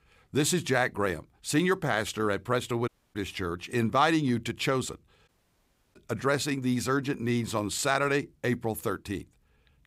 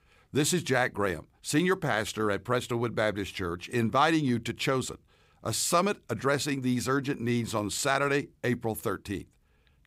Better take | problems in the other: second | audio cutting out; at 3 s and at 5.5 s for 0.5 s

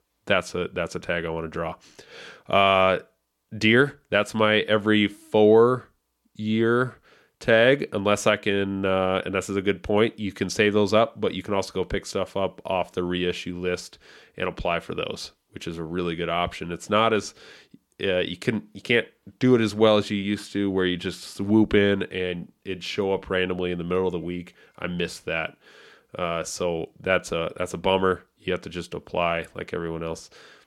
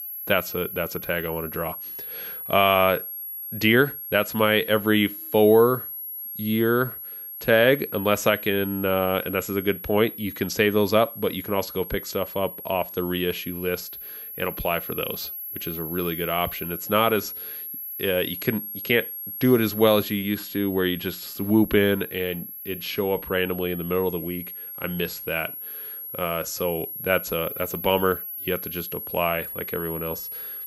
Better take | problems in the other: first | high-pitched whine; loud; throughout; 11.5 kHz, 9 dB below the speech

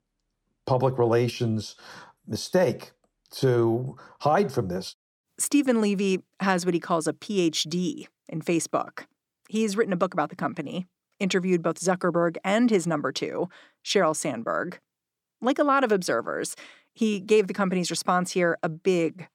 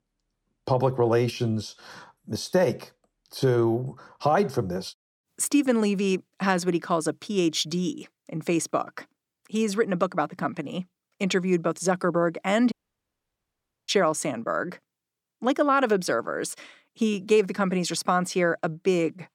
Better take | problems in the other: first | audio cutting out; at 13 s for 1 s

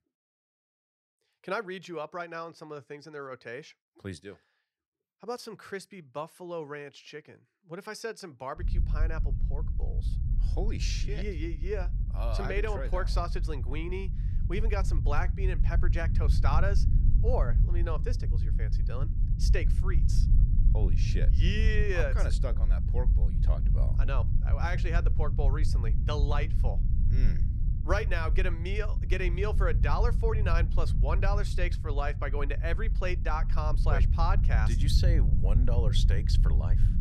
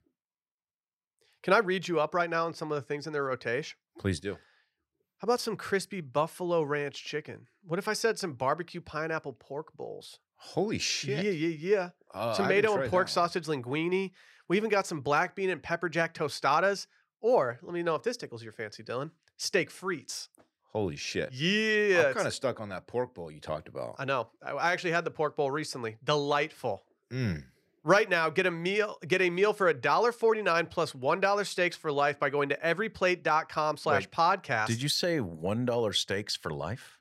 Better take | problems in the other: second | low rumble; loud; from 8.5 s on; 10 dB below the speech

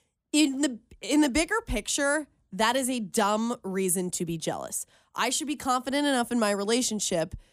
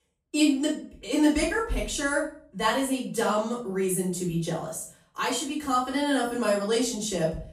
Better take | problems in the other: first | off-mic speech; far // room echo; noticeable; dies away in 0.4 s

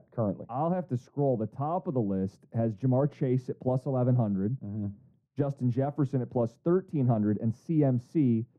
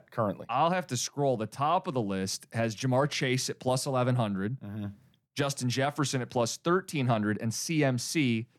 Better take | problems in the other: second | muffled; very; fading above 1.5 kHz

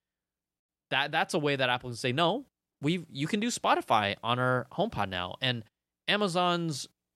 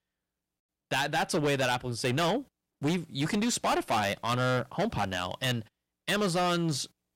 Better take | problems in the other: first | distortion; heavy; 13% of the sound clipped

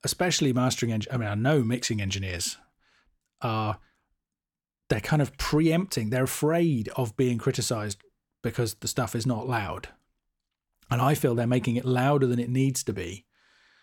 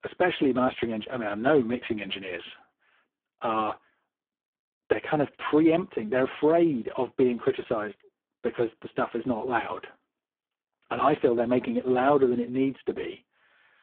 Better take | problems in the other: first | phone-call audio; poor line

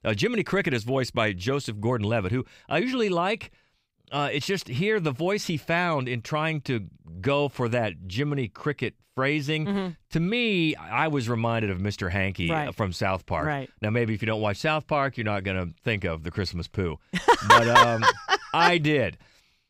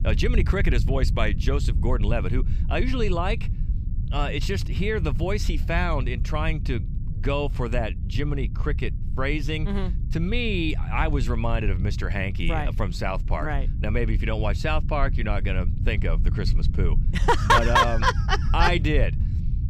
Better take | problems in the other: first | low rumble; noticeable; throughout; 15 dB below the speech

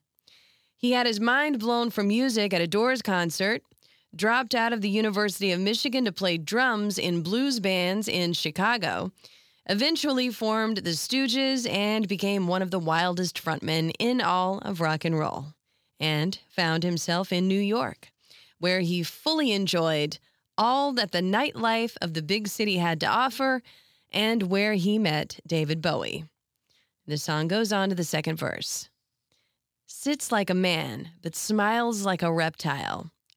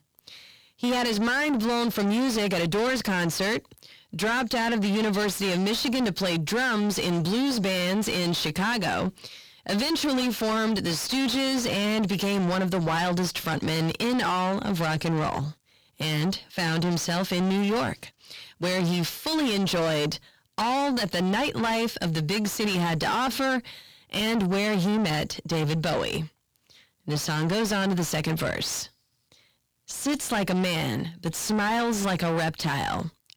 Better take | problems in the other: first | distortion; heavy; 6 dB below the speech

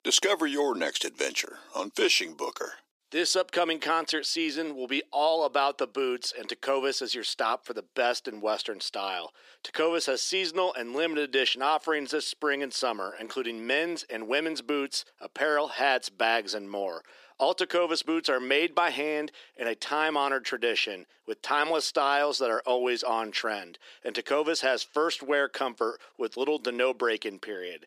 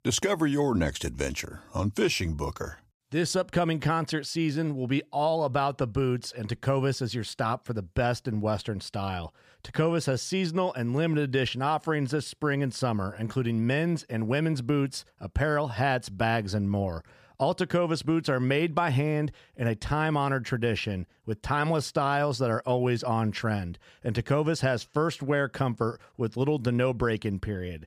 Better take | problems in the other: second | thin; somewhat; fading below 300 Hz

